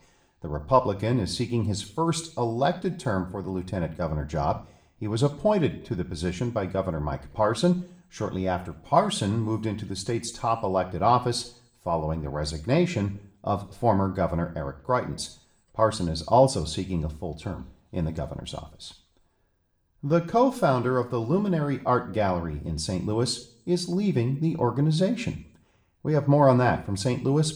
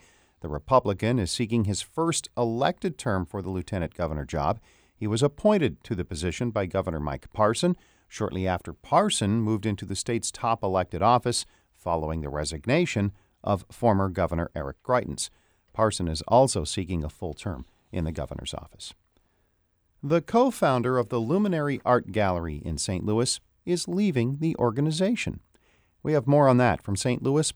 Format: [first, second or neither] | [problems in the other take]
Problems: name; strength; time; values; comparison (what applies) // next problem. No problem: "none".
second | room echo; very slight; dies away in 0.4 s // off-mic speech; somewhat distant